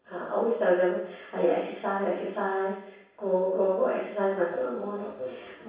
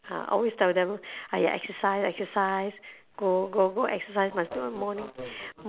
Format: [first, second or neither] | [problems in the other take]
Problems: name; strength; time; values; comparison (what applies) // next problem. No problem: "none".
second | room echo; dies away in 0.7 s